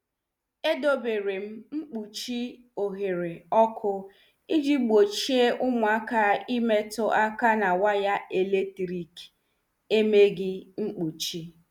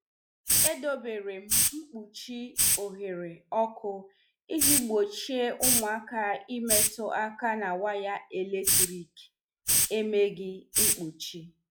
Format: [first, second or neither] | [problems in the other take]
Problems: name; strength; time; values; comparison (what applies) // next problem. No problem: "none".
first | noise reduction (classical method log-MMSE)